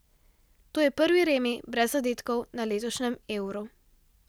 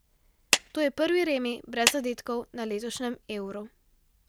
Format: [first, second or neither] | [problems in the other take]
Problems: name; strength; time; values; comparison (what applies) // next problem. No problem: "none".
first | background sound (Clapping); 1 dB below the speech